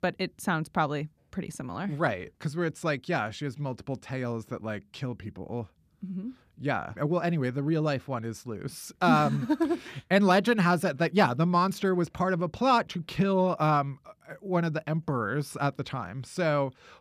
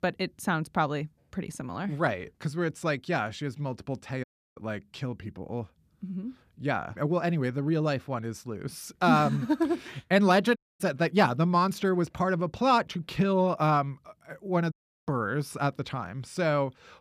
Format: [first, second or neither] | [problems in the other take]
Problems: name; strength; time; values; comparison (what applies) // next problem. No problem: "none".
first | audio cutting out; at 4 s, at 11 s and at 15 s